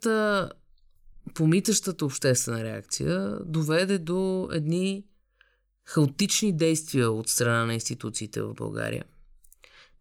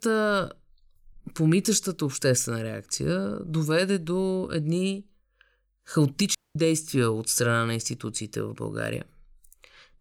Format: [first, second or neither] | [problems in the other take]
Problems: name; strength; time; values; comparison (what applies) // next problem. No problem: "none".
first | audio cutting out; at 6.5 s